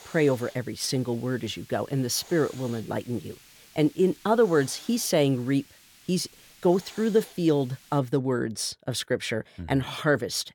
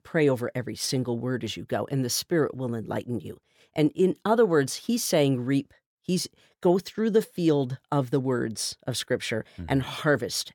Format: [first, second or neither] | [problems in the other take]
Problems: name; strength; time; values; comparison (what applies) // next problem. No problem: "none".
second | hiss; faint; until 8 s; 20 dB below the speech